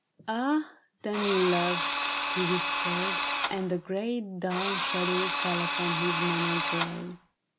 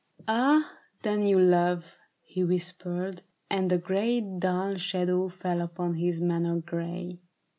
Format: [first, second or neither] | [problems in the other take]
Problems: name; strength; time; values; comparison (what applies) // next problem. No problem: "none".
second | background sound (Drill); 1 dB above the speech